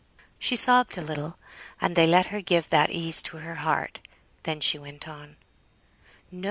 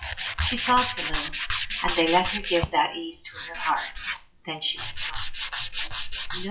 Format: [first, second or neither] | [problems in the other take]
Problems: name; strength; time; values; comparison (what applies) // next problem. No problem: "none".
first | noise reduction (classical method WPE with log-MMSE)